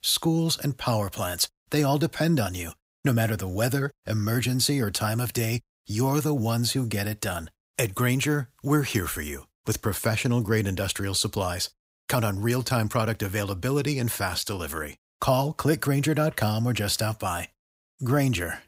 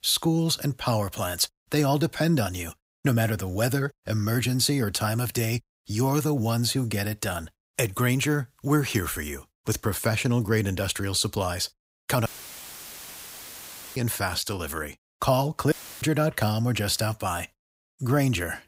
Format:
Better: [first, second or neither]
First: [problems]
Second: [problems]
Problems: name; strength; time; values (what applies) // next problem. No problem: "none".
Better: first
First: none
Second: audio cutting out; filled with static; at 12 s for 1.5 s and at 16 s